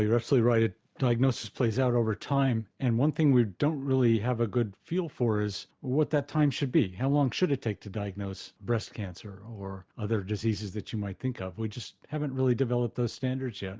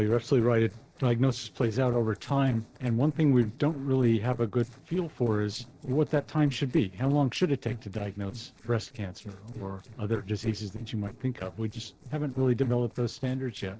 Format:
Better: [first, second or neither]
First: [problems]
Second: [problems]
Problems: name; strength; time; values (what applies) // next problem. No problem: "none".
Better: first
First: none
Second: noise reduction (neural separator model SepFormer DNS4)